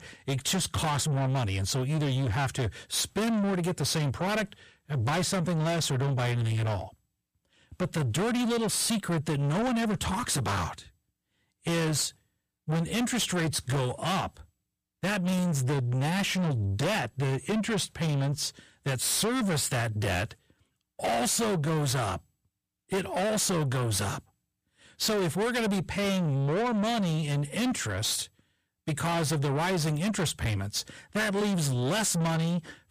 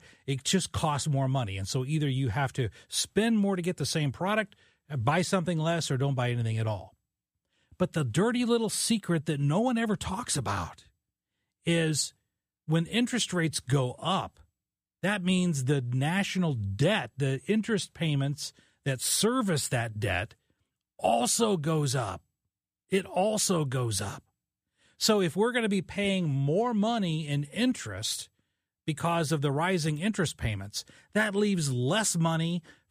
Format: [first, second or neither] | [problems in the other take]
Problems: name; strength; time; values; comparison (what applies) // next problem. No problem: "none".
second | distortion; heavy; 7 dB below the speech